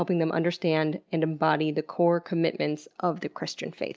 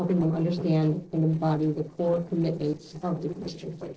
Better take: first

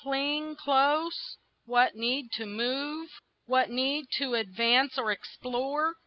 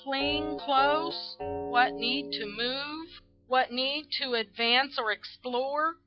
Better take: first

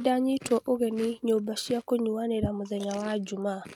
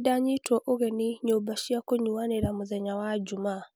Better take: second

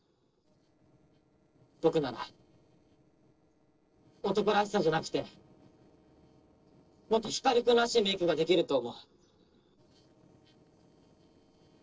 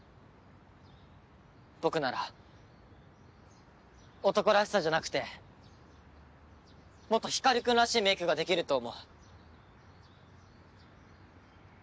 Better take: second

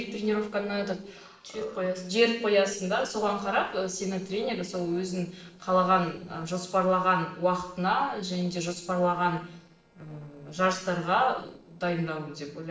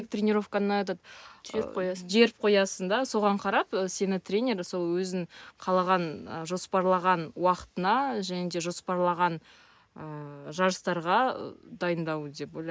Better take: second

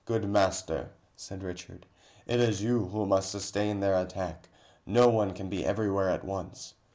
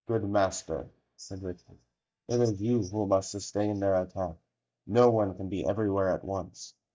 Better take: first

